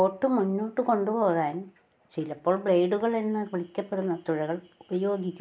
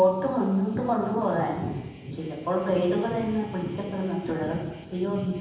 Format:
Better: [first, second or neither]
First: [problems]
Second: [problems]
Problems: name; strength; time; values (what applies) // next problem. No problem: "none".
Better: first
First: none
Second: background sound (Thunder); 11 dB below the speech // room echo; dies away in 1.1 s